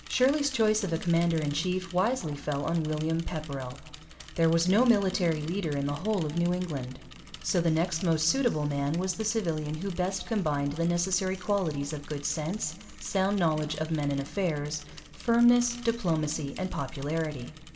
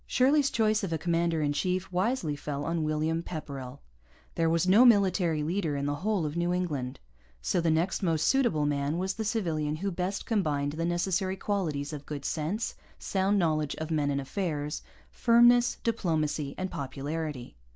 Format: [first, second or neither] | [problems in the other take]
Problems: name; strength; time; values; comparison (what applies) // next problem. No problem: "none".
second | background sound (Mechanisms / Bicycle); 20 dB below the speech // room echo; dies away in 1.7 s